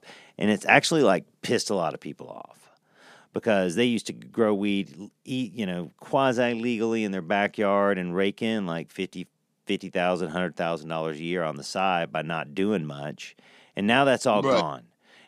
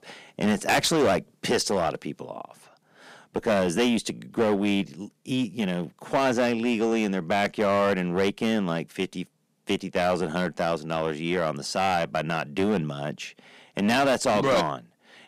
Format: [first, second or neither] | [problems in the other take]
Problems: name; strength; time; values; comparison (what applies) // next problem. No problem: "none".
first | distortion; heavy; 7% of the sound clipped